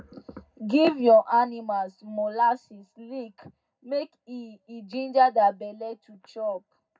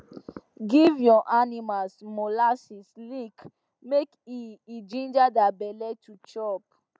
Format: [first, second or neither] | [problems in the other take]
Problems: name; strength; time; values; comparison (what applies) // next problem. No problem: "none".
second | room echo; dies away in 0.3 s